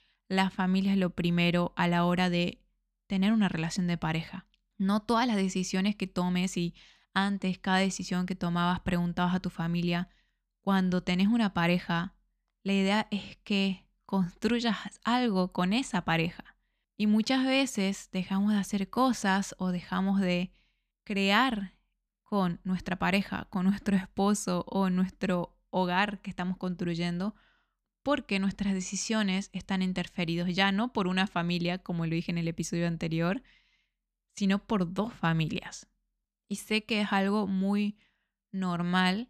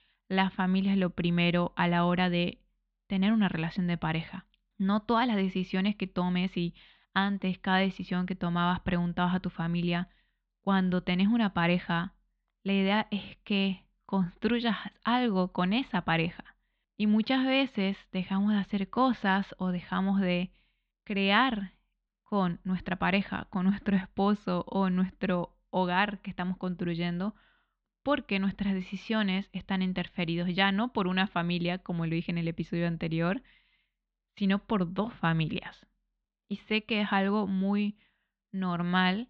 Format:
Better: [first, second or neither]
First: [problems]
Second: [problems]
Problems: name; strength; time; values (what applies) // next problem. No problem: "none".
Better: first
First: none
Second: muffled; slightly; fading above 3.5 kHz